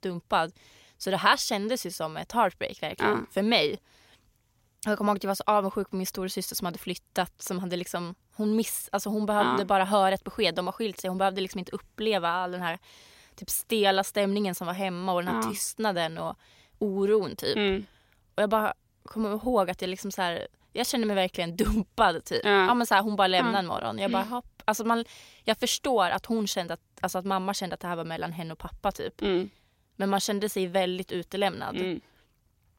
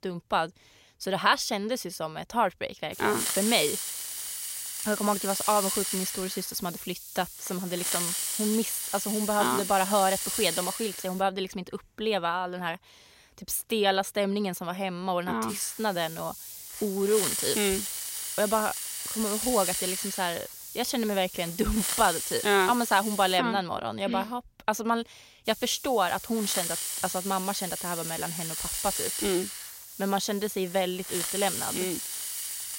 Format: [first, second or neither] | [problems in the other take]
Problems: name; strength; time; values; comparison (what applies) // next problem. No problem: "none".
first | hiss; loud; from 3 to 11 s, from 15 to 23 s and from 25 s on; 3 dB below the speech